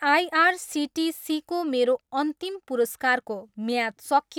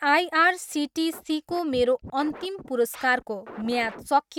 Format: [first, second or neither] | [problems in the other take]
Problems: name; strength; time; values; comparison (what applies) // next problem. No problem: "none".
first | noise reduction (neural mask model RNNoise)